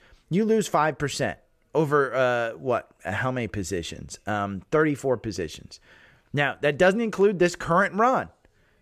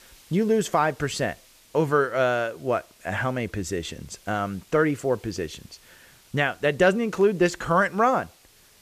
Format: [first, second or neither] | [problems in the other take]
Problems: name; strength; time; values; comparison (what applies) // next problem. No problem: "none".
first | hiss; faint; throughout; 30 dB below the speech